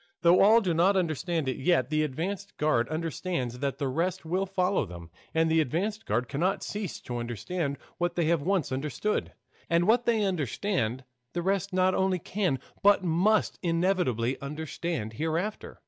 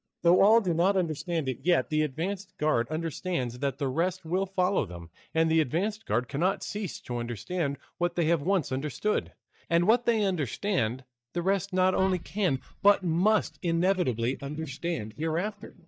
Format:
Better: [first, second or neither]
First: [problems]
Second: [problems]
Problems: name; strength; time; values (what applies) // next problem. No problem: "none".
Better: first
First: none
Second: noise reduction (neural mask model DeepFilterNet 3)